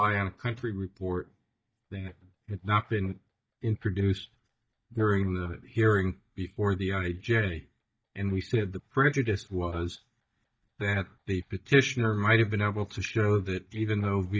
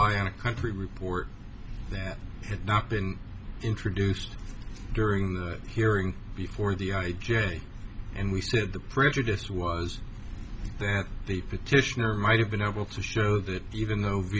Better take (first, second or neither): second